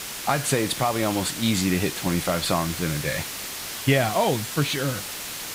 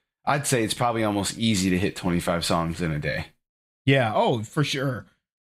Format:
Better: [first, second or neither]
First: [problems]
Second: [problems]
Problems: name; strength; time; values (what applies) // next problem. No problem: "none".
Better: second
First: hiss; loud; throughout; 6 dB below the speech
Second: none